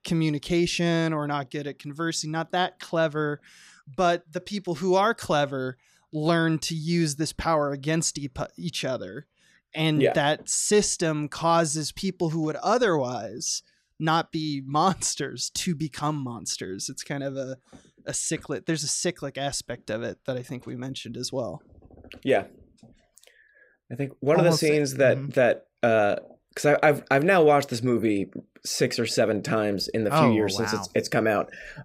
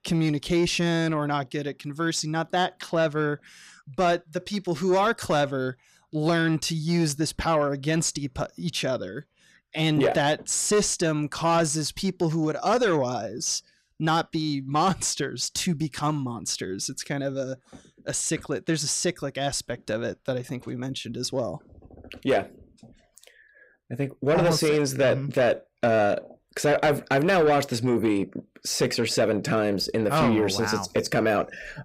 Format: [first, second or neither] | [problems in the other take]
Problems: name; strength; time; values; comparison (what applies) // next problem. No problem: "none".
first | distortion; slight; 10 dB below the speech